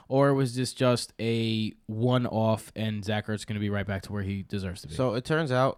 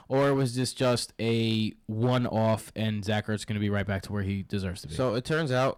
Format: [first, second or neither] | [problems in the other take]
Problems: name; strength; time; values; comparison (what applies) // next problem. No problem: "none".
first | distortion; slight; 6% of the sound clipped